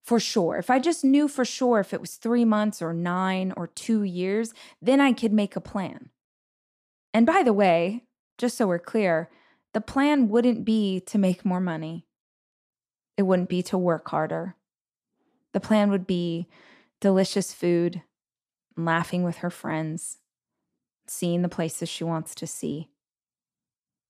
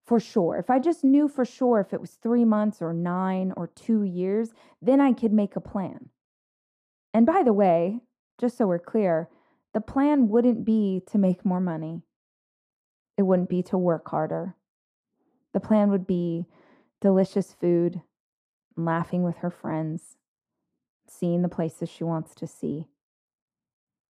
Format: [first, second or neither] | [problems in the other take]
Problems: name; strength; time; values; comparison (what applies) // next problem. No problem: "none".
first | muffled; slightly; fading above 1.5 kHz